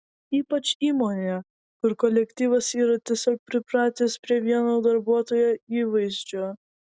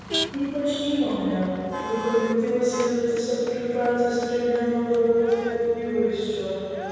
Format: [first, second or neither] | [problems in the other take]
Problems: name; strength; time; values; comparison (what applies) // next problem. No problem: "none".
first | background sound (Motor vehicle (road)); 11 dB below the speech // room echo; dies away in 2.2 s